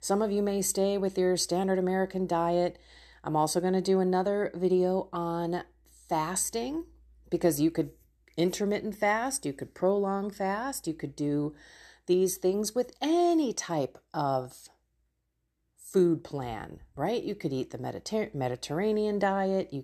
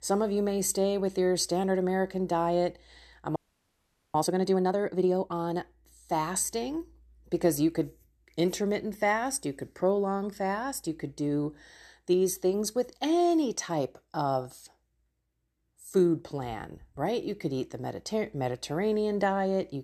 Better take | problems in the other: first | audio freezing; at 3.5 s for 1 s

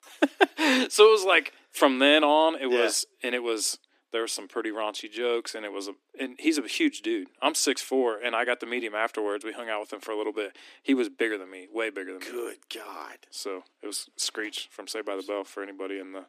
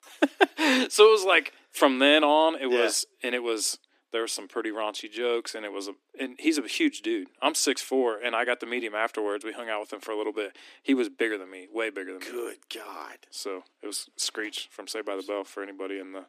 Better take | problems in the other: neither | thin; somewhat; fading below 250 Hz; the same in both

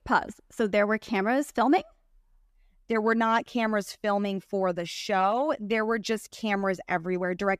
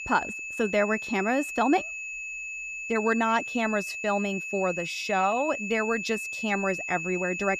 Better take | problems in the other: first | high-pitched whine; loud; throughout; 2.5 kHz, 5 dB below the speech

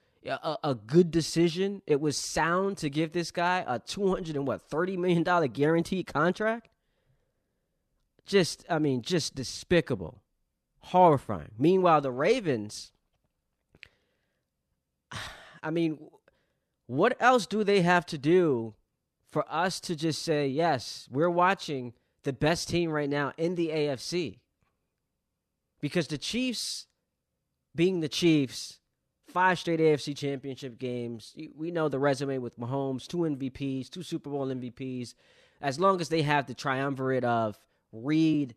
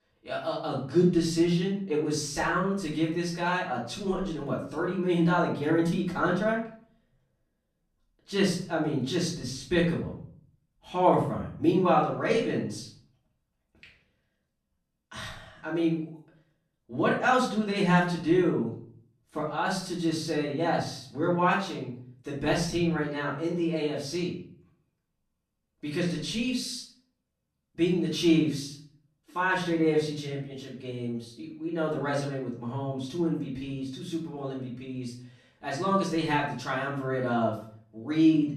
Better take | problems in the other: first | off-mic speech; far // room echo; noticeable; dies away in 0.5 s

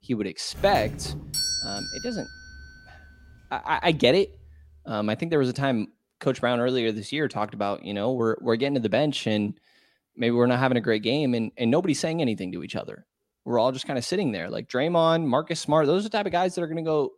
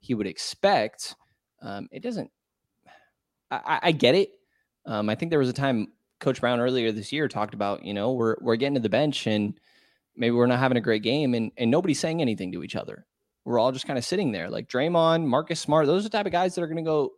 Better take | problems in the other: second | doorbell; loud; from 0.5 to 2.5 s; peak level with the speech

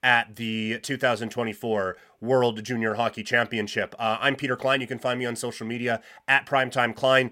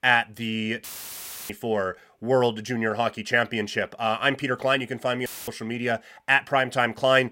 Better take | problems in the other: first | audio cutting out; filled with static; at 1 s for 0.5 s and at 5.5 s

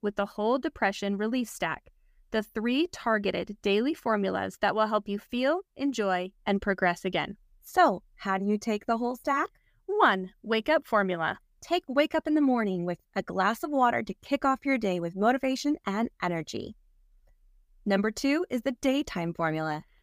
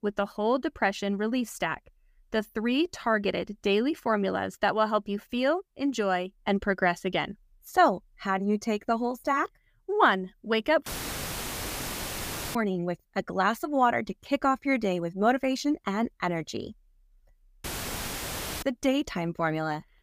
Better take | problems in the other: first | audio cutting out; filled with static; at 11 s for 1.5 s and at 18 s for 1 s

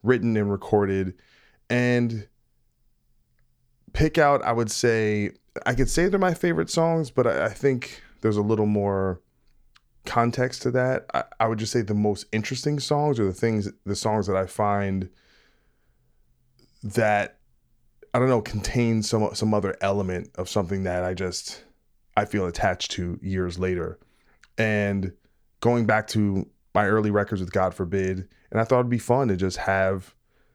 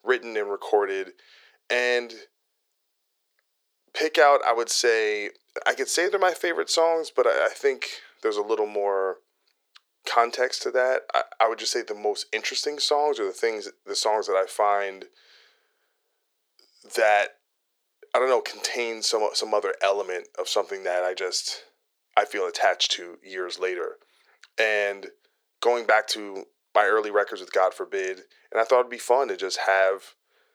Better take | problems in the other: first | thin; very; fading below 400 Hz

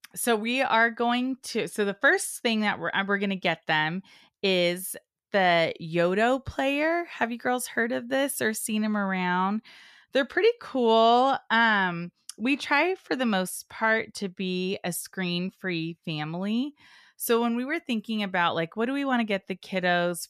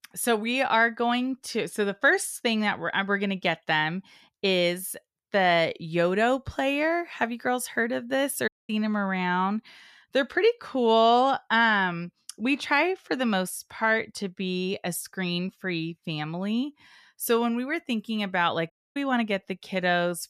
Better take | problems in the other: first | audio cutting out; at 8.5 s and at 19 s

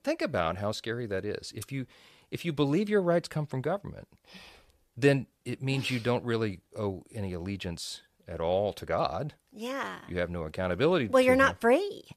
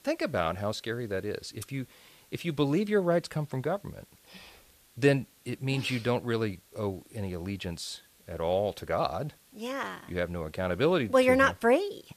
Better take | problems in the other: first | hiss; faint; throughout; 30 dB below the speech

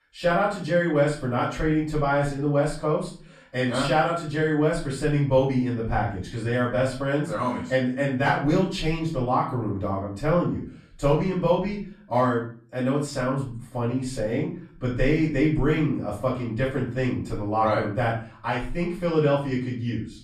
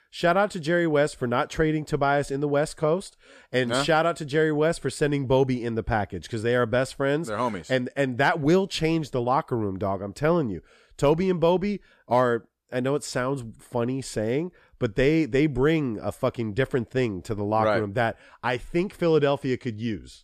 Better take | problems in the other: second | off-mic speech; far // room echo; slight; dies away in 0.4 s

